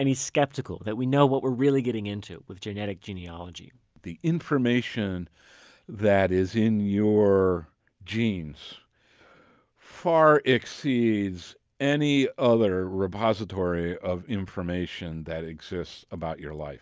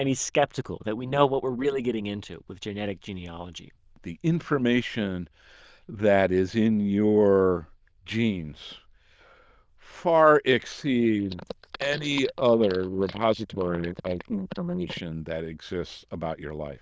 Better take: first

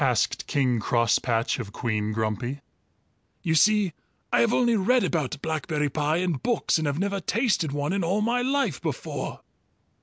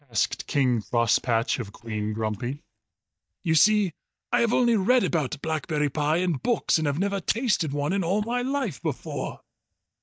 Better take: first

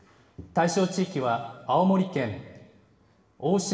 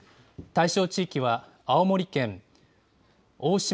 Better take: second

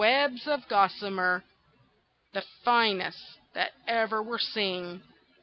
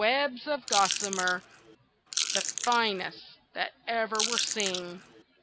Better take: first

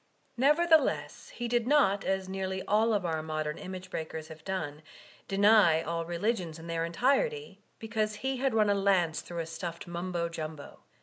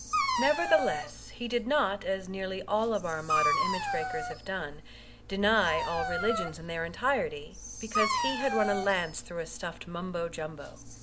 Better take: first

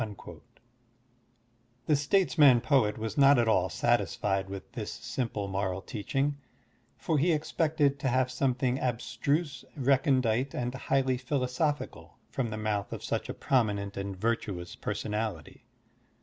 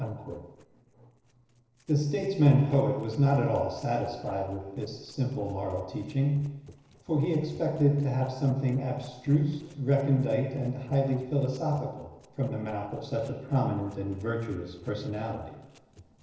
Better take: first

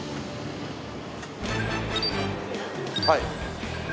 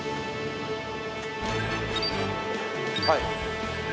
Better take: first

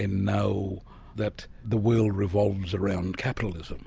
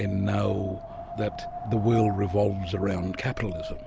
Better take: first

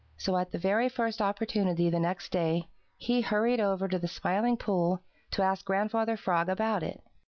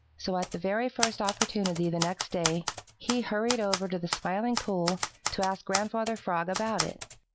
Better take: first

